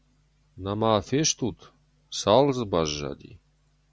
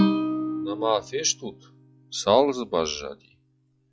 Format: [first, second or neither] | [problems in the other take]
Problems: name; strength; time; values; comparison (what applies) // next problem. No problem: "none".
first | noise reduction (classical method log-MMSE)